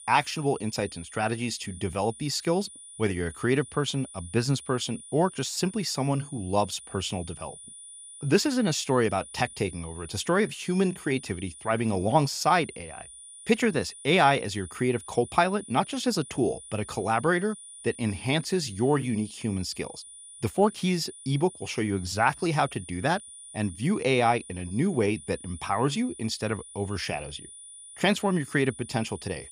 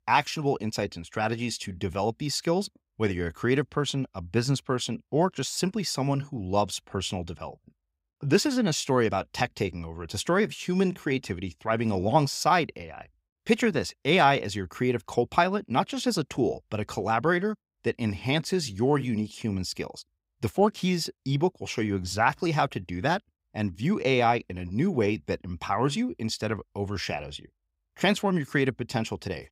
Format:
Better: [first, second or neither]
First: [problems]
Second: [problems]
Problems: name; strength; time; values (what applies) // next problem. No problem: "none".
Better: second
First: high-pitched whine; noticeable; throughout; 9.5 kHz, 15 dB below the speech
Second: none